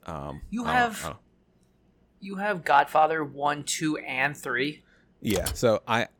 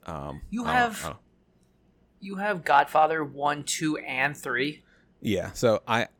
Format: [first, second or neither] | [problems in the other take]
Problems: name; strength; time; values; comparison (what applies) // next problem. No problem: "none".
second | keyboard typing; noticeable; at 5.5 s; peak 7 dB below the speech